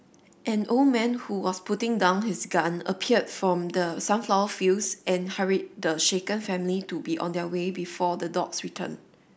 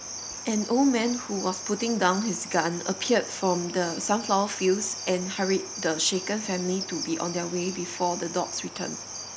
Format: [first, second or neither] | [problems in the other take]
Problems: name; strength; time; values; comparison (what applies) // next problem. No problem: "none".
first | background sound (Cricket); 10 dB below the speech